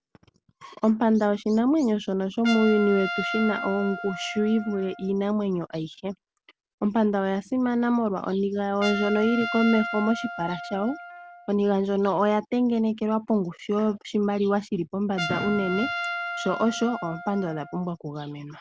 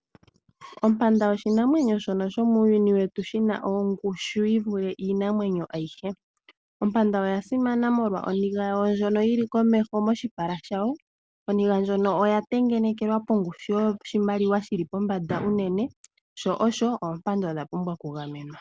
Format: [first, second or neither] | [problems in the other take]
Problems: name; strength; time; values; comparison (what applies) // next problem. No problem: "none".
second | background sound (Trumpet); 11 dB below the speech